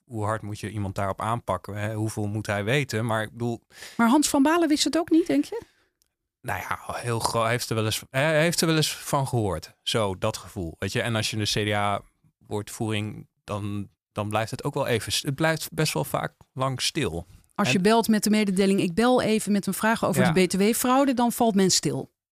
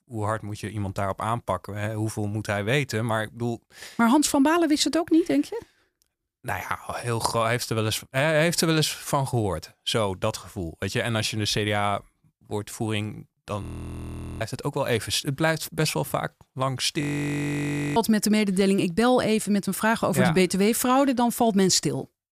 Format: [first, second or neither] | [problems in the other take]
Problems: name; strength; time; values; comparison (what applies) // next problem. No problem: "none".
first | audio freezing; at 14 s for 1 s and at 17 s for 1 s